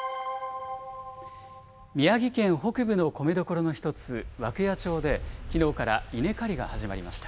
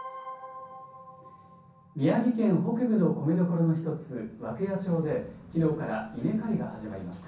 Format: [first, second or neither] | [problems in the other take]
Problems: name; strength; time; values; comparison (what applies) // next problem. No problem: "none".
first | room echo; dies away in 0.6 s